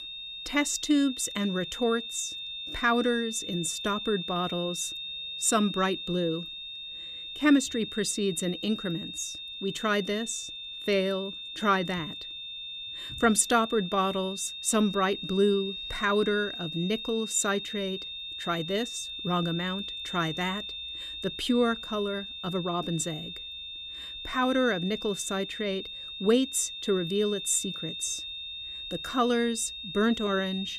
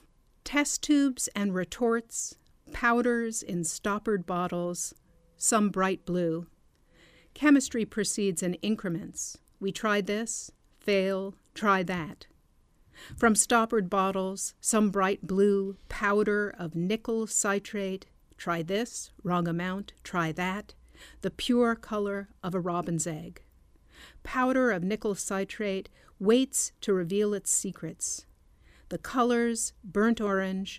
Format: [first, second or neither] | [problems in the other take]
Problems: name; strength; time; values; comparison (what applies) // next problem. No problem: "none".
second | high-pitched whine; loud; throughout; 3.5 kHz, 7 dB below the speech